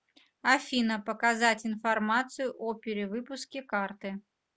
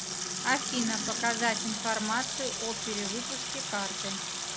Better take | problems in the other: first | background sound (Sink (filling or washing) / Water tap, faucet); as loud as the speech

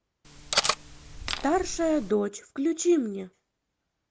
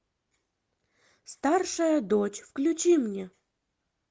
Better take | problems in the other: second | background sound (Cutlery, silverware); 3 dB below the speech

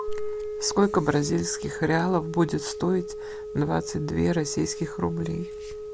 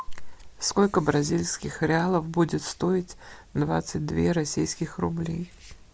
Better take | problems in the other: second | background sound (Wind instrument, woodwind instrument); 9 dB below the speech

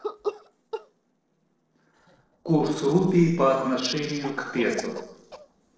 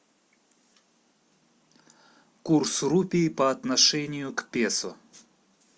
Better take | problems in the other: second | noise reduction (neural separator model SepFormer DNS4)

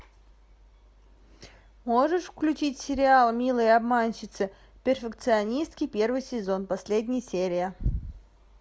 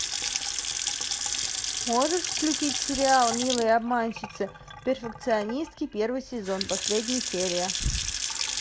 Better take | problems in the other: first | background sound (Sink (filling or washing) / Water tap, faucet / Splash, splatter); 3 dB below the speech

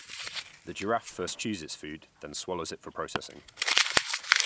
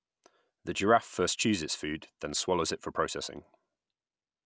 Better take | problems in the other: second | background sound (Crumpling, crinkling); 4 dB above the speech

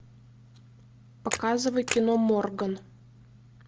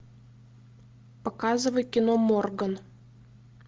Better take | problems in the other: second | background sound (Camera); 9 dB below the speech

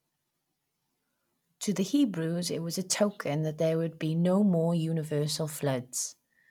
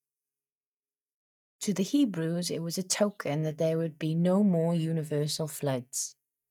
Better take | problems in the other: first | noise reduction (neural mask model DeepFilterNet 3)

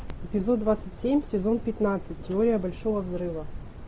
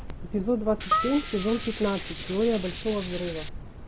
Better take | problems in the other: first | background sound (Tools + Harp); 6 dB below the speech

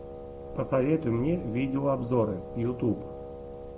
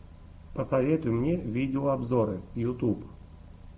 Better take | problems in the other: second | background sound (Wind instrument, woodwind instrument); 12 dB below the speech

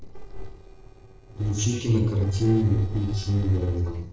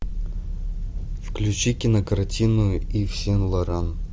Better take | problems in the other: second | noise reduction (neural separator model SepFormer DNS4)

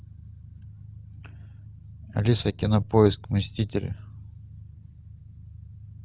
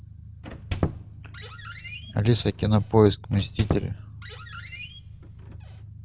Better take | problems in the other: first | background sound (Squeak); 9 dB below the speech

